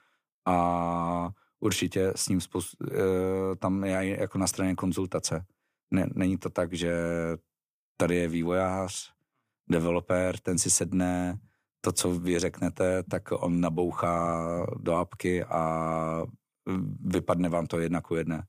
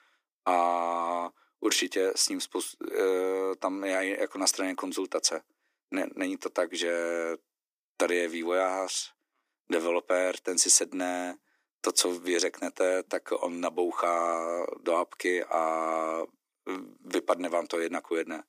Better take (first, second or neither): first